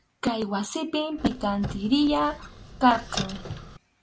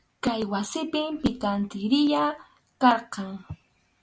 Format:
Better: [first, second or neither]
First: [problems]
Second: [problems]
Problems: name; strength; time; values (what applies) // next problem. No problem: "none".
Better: second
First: background sound (Squeak); 11 dB below the speech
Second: none